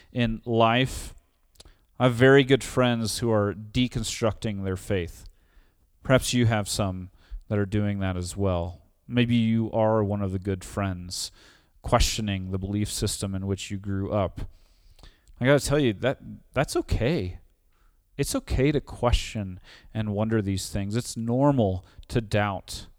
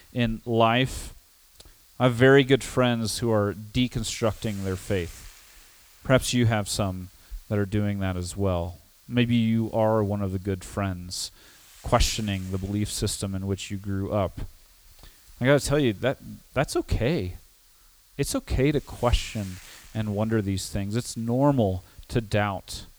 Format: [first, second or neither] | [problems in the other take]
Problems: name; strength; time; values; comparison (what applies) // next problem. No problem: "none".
first | hiss; faint; throughout; 25 dB below the speech